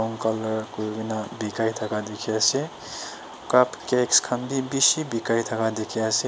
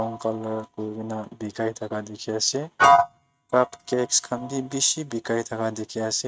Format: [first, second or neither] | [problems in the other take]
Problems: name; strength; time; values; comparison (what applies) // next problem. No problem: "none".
first | noise reduction (neural mask model RNNoise)